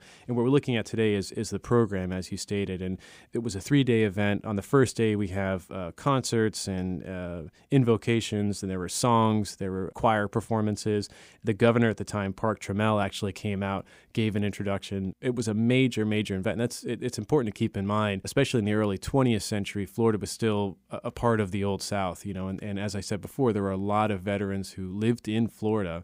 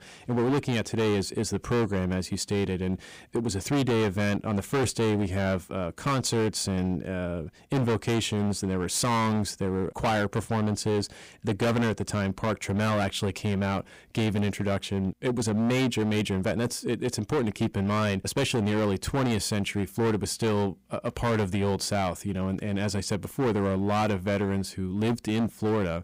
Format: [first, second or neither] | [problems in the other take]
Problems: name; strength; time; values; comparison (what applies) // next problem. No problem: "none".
first | distortion; heavy; 17% of the sound clipped